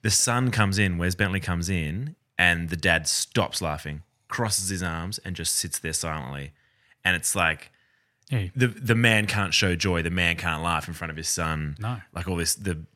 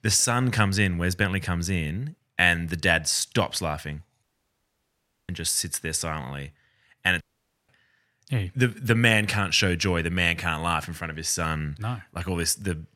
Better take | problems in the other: first | audio cutting out; at 4 s for 1 s and at 7 s

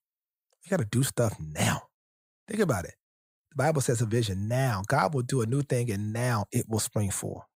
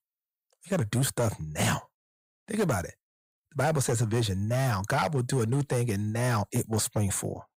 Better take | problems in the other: first | distortion; slight; 6% of the sound clipped

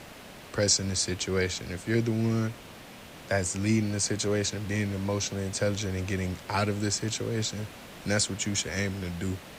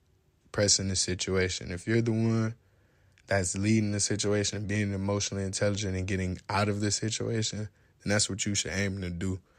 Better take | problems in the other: second | hiss; noticeable; throughout; 15 dB below the speech

